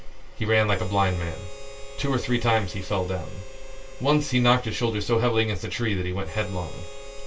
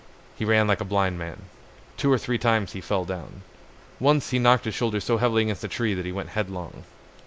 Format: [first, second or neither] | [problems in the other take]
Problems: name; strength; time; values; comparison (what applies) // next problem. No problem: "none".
second | background sound (Harmonica); 19 dB below the speech // room echo; dies away in 0.2 s